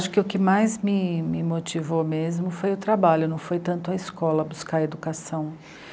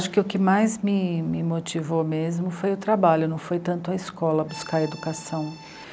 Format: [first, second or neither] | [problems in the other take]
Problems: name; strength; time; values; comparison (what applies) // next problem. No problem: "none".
first | background sound (Accordion); 18 dB below the speech